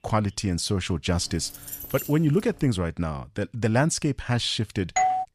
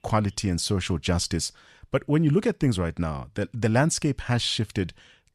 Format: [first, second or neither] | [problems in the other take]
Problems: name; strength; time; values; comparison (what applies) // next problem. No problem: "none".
second | jangling keys; noticeable; from 1 to 2.5 s; peak 8 dB below the speech // doorbell; loud; at 5 s; peak 2 dB above the speech